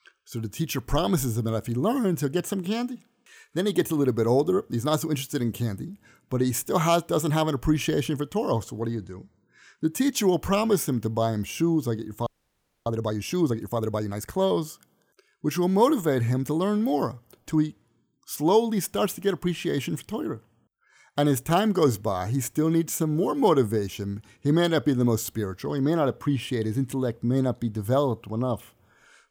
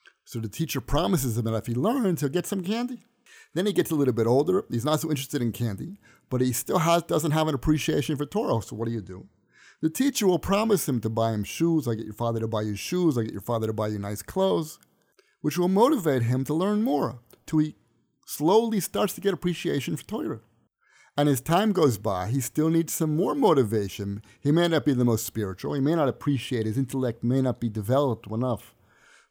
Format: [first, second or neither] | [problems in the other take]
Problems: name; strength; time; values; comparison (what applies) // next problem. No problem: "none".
second | audio freezing; at 12 s for 0.5 s